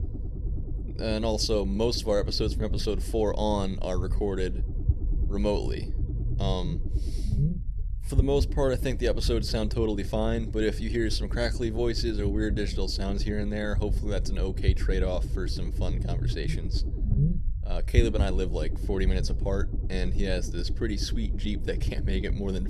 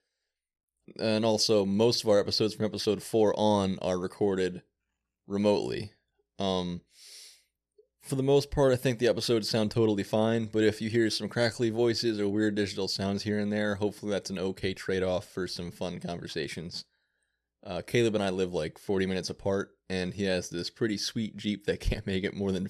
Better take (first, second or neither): second